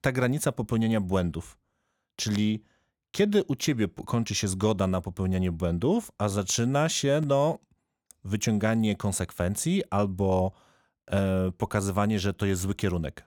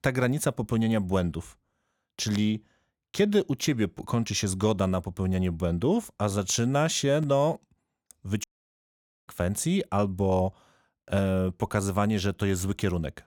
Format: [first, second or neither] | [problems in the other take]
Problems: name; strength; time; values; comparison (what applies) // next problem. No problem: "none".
first | audio cutting out; at 8.5 s for 1 s